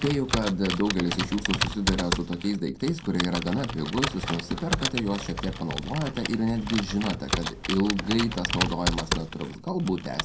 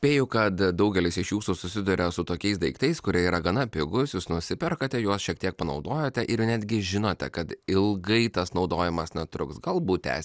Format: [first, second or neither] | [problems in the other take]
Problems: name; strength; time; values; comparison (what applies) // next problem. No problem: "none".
second | background sound (Computer keyboard); 4 dB below the speech // room echo; dies away in 0.2 s